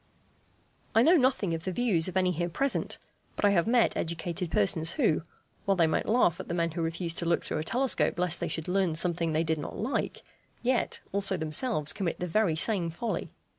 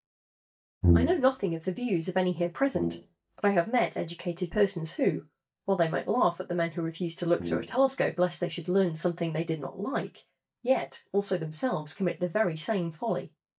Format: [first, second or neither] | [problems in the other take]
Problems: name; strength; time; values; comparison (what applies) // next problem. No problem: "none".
first | noise reduction (neural mask model DeepFilterNet 3)